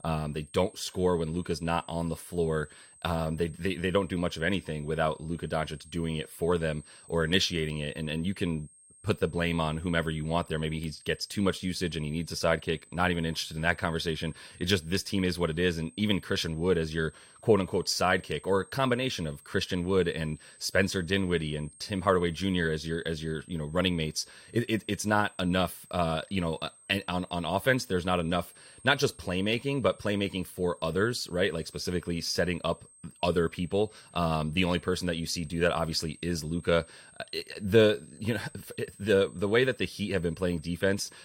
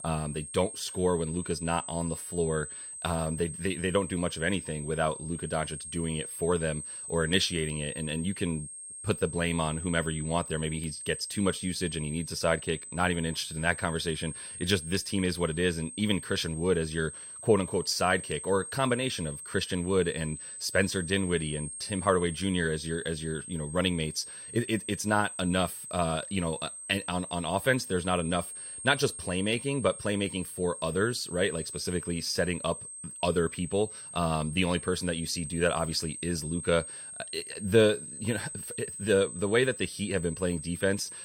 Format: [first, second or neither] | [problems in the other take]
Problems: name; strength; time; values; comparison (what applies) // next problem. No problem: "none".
first | high-pitched whine; loud; throughout; 8.5 kHz, 9 dB below the speech; faint in the first